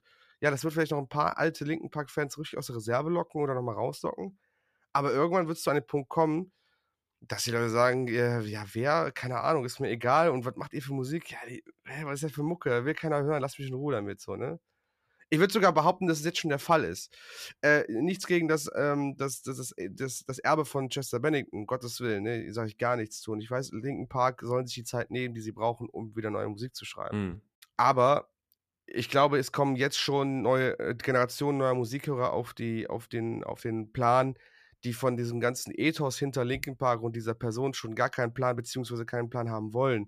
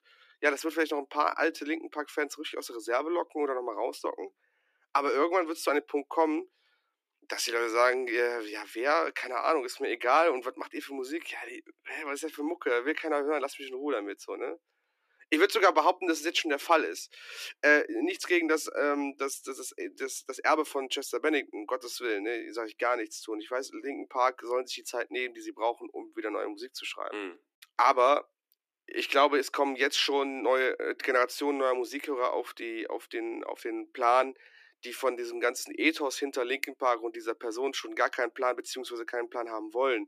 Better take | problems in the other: first | thin; somewhat; fading below 300 Hz

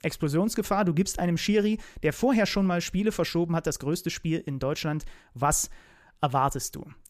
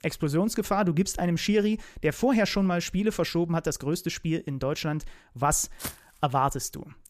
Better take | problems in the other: first | footsteps; faint; at 6 s; peak 10 dB below the speech

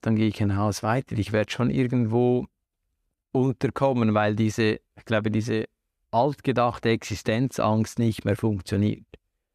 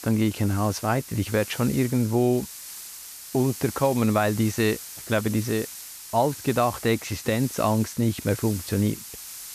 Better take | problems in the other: first | hiss; noticeable; throughout; 10 dB below the speech

